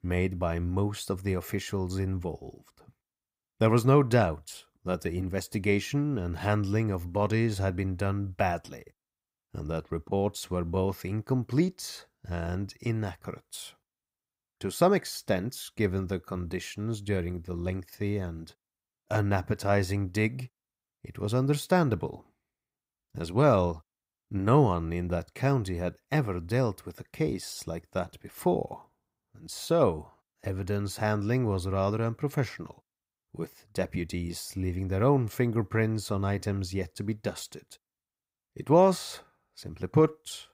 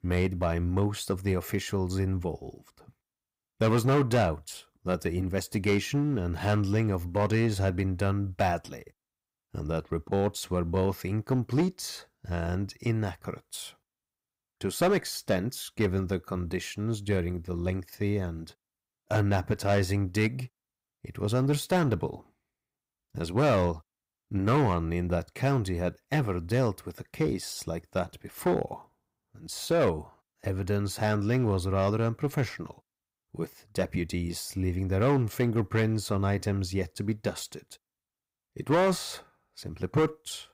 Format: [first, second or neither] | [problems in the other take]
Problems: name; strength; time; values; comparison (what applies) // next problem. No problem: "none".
first | distortion; slight; 4% of the sound clipped